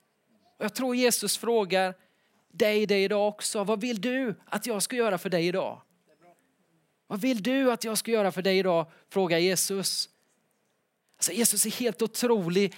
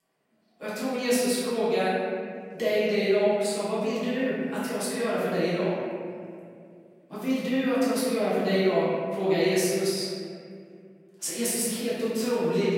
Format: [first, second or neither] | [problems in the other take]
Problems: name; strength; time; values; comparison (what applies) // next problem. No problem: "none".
first | room echo; strong; dies away in 2.2 s // off-mic speech; far